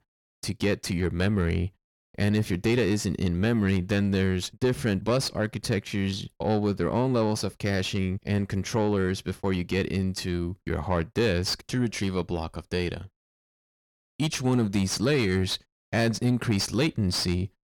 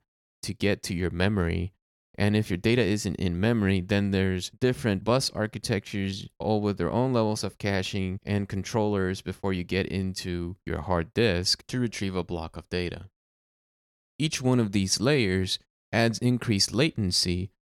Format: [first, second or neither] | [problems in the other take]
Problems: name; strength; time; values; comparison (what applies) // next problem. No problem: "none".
second | distortion; slight; 10 dB below the speech